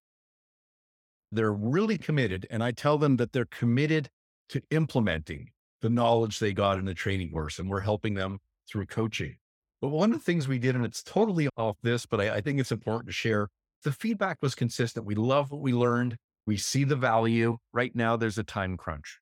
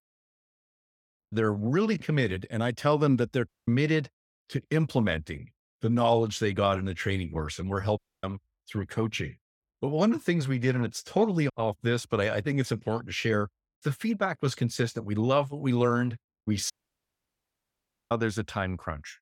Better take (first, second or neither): first